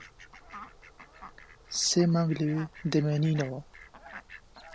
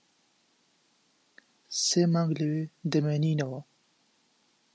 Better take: second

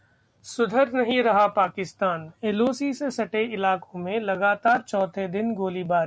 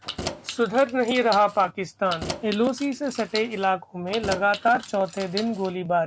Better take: first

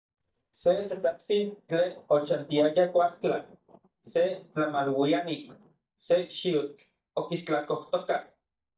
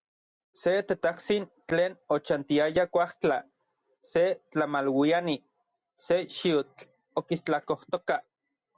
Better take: second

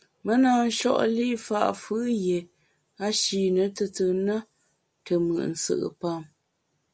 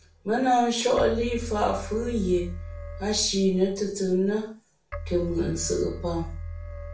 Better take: first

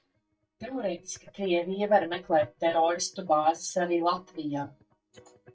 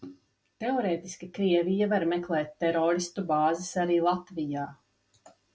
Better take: second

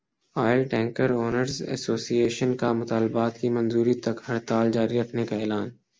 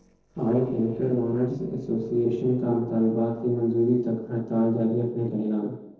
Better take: first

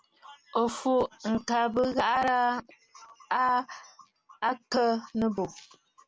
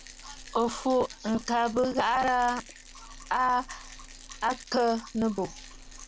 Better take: first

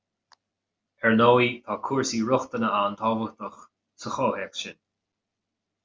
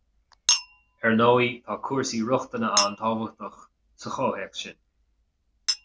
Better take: first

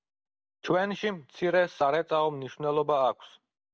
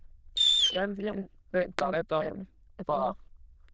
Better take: first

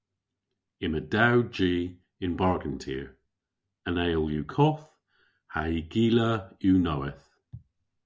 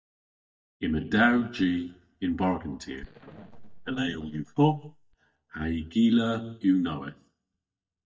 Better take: first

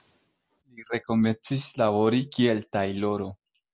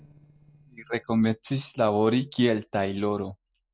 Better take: first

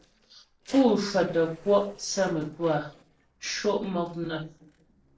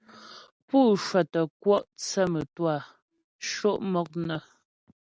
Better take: second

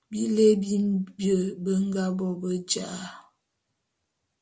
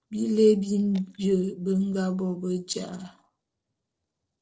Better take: first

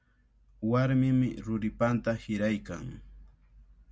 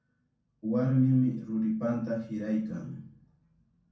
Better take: first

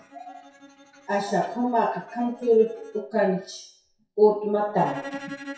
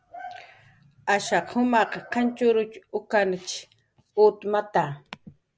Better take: second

